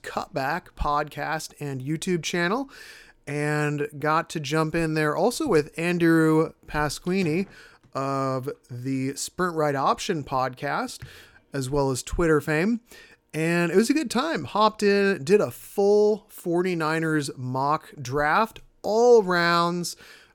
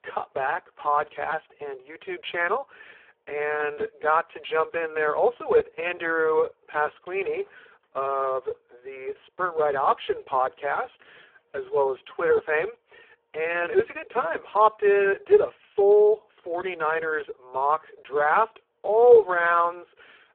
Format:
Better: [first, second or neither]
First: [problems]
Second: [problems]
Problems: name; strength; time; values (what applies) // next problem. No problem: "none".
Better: first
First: none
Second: phone-call audio; poor line